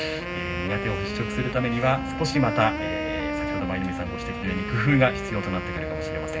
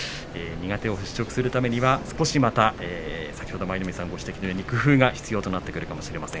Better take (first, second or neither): second